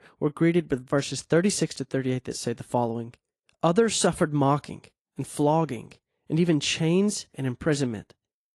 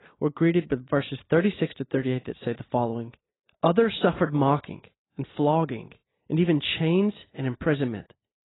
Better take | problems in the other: first | garbled, watery; badly; nothing above 4 kHz; slightly in the first

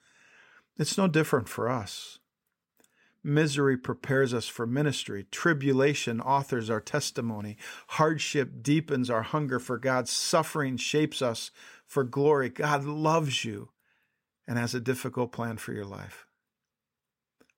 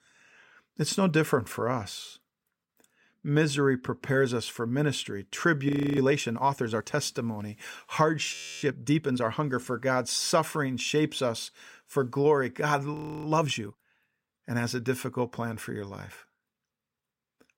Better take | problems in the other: first | audio freezing; at 5.5 s, at 8.5 s and at 13 s

